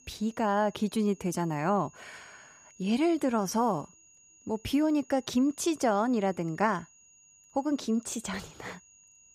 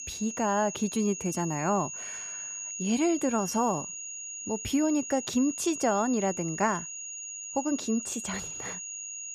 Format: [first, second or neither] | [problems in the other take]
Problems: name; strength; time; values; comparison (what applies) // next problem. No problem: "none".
first | high-pitched whine; loud; throughout; 6.5 kHz, 7 dB below the speech; faint in the first